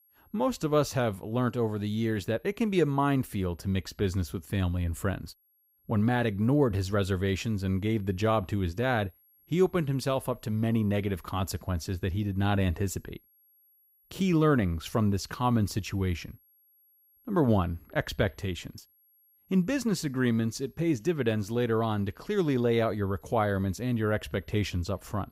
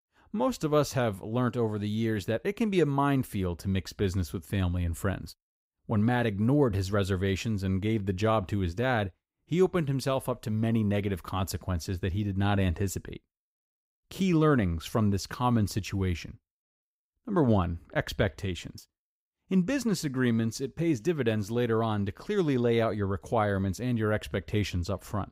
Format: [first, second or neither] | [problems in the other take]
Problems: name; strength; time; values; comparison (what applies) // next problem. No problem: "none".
second | high-pitched whine; faint; throughout; 11.5 kHz, 35 dB below the speech